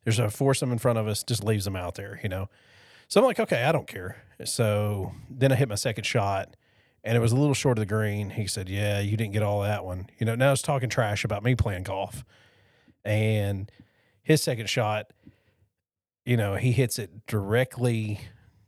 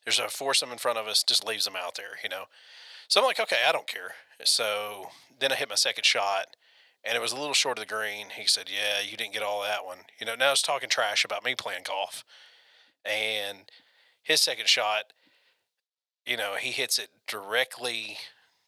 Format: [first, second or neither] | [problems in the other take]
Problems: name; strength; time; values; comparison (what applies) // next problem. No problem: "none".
first | thin; very; fading below 800 Hz